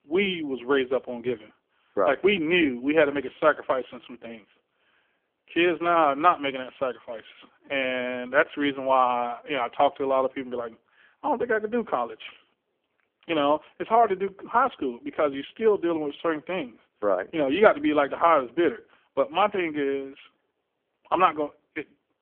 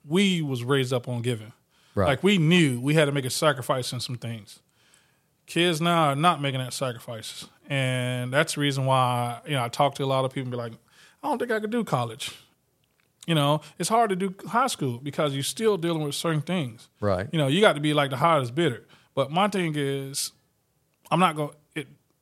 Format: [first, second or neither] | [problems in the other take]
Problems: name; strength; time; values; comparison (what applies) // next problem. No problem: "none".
second | phone-call audio; poor line; nothing above 3.5 kHz